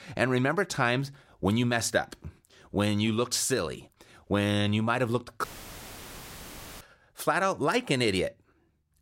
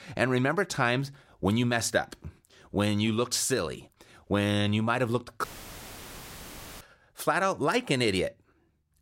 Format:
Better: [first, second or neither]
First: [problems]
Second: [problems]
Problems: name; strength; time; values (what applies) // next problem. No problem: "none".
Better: neither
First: audio cutting out; filled with static; at 5.5 s for 1.5 s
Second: audio cutting out; filled with static; at 5.5 s for 1.5 s